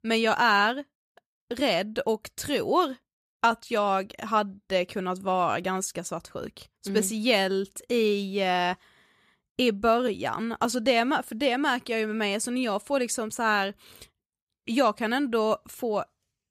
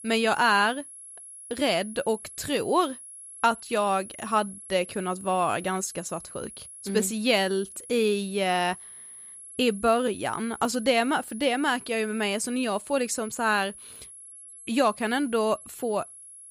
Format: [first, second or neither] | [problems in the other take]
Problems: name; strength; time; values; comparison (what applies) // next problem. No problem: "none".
first | high-pitched whine; noticeable; throughout; 10.5 kHz, 15 dB below the speech